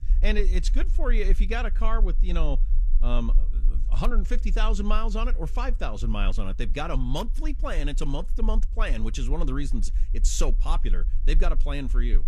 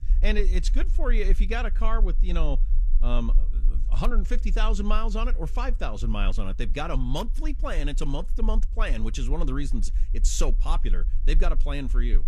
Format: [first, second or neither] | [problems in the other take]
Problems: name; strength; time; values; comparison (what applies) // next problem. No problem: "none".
neither | low rumble; faint; throughout; 20 dB below the speech; the same in both